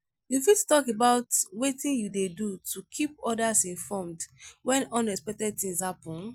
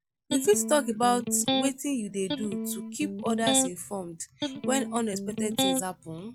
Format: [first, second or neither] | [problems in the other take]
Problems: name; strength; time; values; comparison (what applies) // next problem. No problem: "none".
first | background sound (Electric guitar); 2 dB below the speech